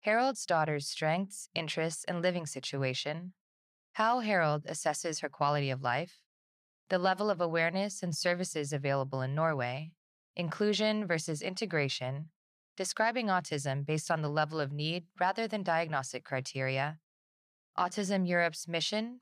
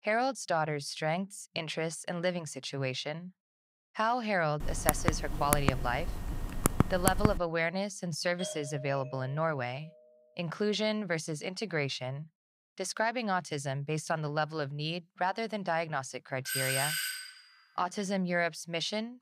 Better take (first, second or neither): first